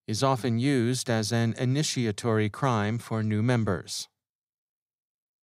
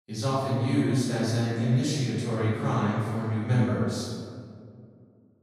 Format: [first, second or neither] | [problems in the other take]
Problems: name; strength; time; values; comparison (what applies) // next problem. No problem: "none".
first | room echo; strong; dies away in 1.8 s // off-mic speech; far